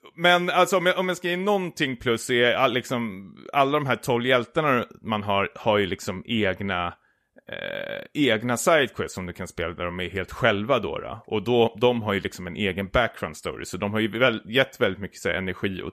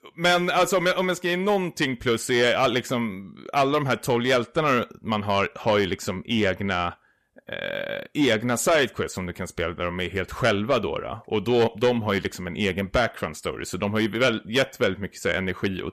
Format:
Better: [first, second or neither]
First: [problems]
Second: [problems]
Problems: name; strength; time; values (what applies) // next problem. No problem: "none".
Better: first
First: none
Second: distortion; slight; 10 dB below the speech